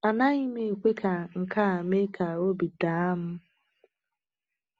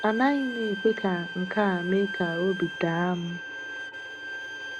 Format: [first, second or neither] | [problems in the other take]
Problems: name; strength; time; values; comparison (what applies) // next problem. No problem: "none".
first | background sound (Bowed string instrument); 9 dB below the speech